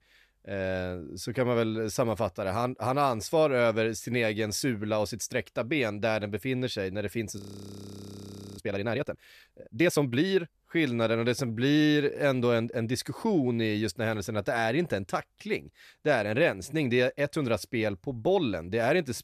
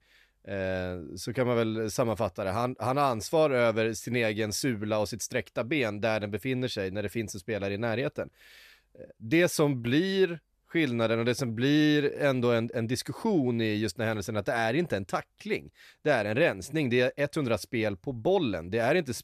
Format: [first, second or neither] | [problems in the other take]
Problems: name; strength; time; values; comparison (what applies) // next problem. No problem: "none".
second | audio freezing; at 7.5 s for 1 s